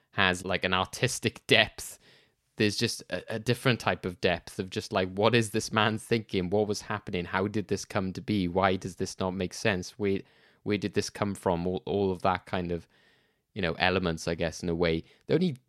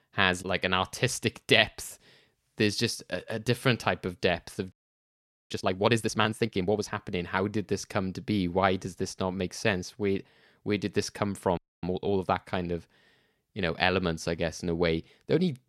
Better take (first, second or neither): first